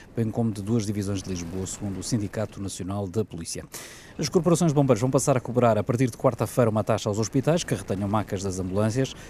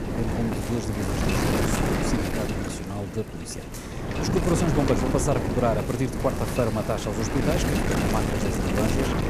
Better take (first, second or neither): first